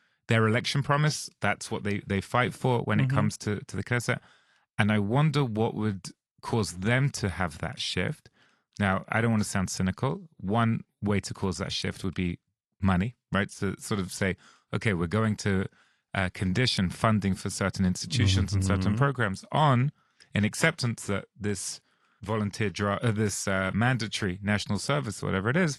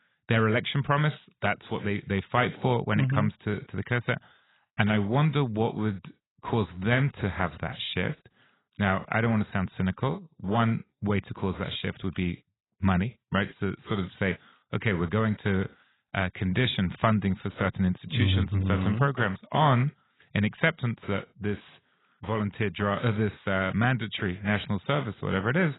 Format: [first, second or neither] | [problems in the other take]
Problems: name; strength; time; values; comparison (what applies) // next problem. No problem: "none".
first | garbled, watery; badly; nothing above 4 kHz; slightly in the first